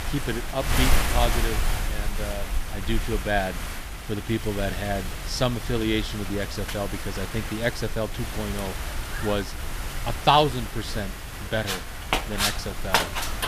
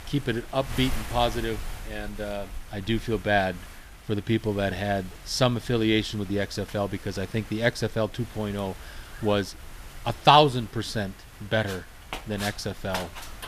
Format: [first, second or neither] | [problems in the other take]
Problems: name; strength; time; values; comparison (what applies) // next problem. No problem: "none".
second | wind noise on the microphone; heavy; 3 dB below the speech; occasional gusts in the second